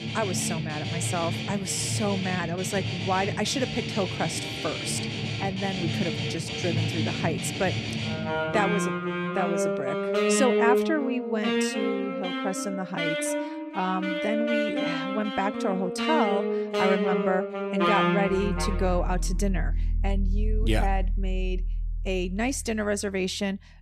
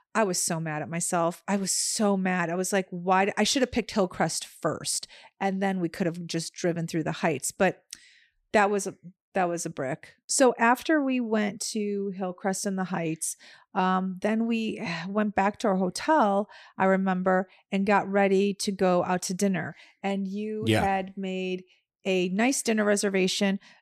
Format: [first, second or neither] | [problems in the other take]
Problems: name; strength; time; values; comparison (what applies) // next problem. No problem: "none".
second | background music; very loud; throughout; 1 dB above the speech